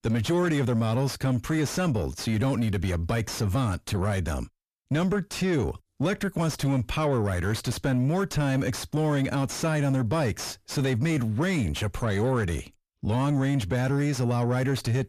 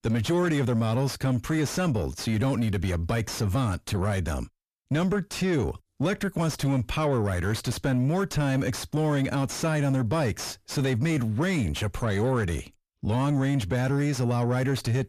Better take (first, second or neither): neither